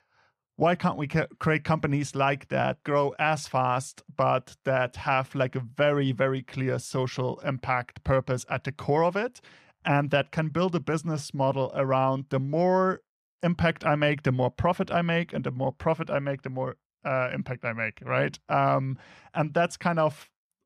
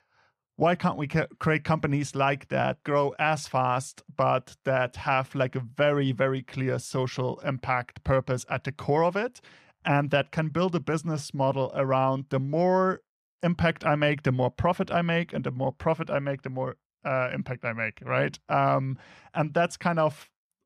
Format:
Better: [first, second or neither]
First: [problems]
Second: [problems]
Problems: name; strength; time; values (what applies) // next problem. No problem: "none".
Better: neither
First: none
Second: none